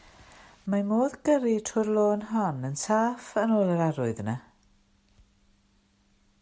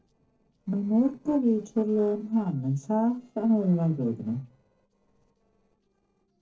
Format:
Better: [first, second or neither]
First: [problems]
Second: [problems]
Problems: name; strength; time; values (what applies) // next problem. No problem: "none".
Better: first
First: none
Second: noise reduction (neural separator model SepFormer DNS4)